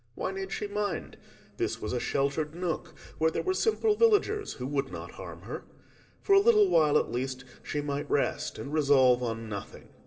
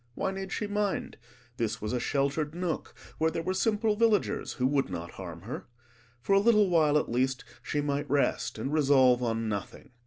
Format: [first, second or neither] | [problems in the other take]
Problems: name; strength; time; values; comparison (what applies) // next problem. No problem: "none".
second | room echo; dies away in 2.2 s